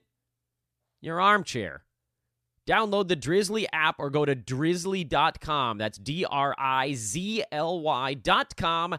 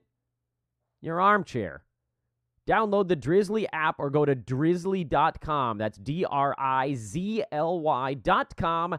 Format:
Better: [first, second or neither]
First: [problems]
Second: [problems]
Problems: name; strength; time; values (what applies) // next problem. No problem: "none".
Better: first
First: none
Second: muffled; slightly; fading above 2 kHz